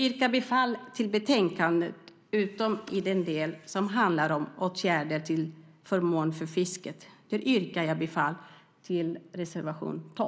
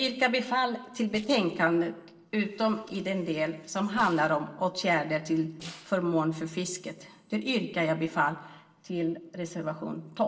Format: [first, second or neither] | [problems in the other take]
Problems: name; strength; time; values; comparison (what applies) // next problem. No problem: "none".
first | noise reduction (neural separator model SepFormer DNS4)